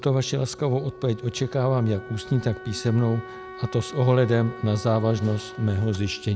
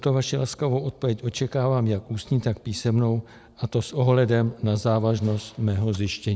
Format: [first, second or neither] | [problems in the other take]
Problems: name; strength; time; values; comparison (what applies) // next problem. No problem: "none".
second | background sound (Wind instrument, woodwind instrument); 16 dB below the speech